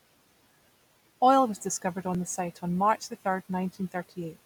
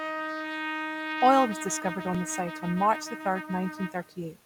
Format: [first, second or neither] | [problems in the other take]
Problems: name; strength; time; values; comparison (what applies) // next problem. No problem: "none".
first | background sound (Trumpet); 7 dB below the speech